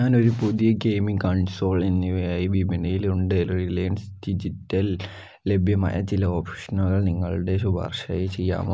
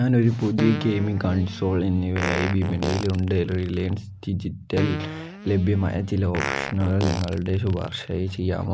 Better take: first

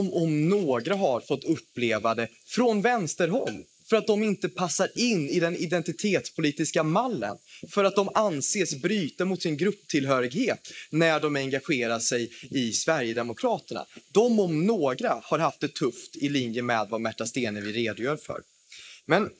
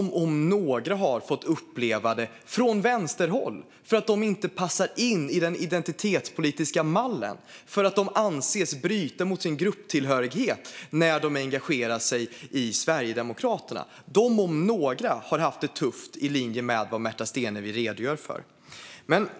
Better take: second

